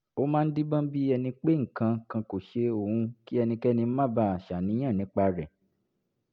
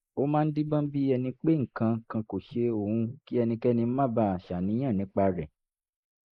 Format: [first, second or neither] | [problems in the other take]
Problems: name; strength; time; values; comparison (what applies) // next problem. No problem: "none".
first | noise reduction (neural mask model Resemble Enhance denoiser)